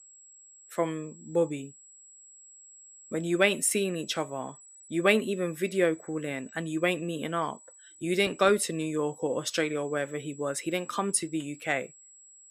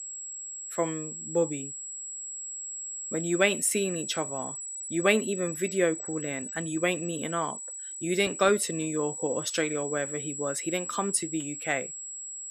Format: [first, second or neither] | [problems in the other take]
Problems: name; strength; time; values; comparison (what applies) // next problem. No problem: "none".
first | high-pitched whine; loud; throughout; 8 kHz, 6 dB below the speech; faint in the first